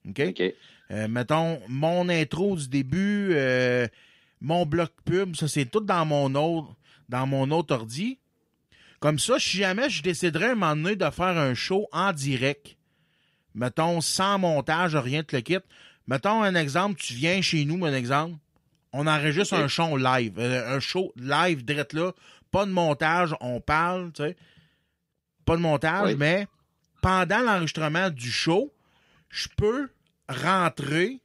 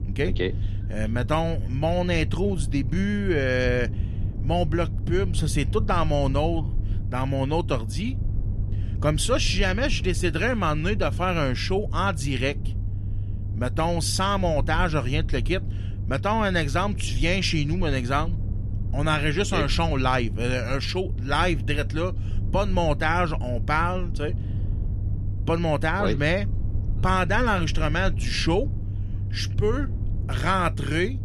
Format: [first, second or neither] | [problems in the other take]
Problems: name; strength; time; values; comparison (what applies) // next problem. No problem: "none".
first | low rumble; noticeable; throughout; 20 dB below the speech